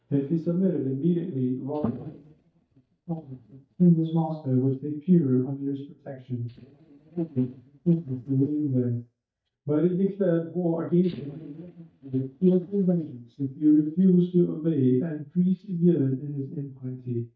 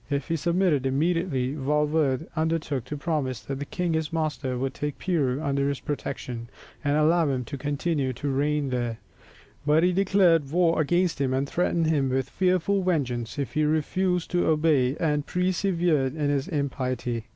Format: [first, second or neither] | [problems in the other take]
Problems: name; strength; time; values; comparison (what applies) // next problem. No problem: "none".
second | noise reduction (neural mask model DeepFilterNet 3)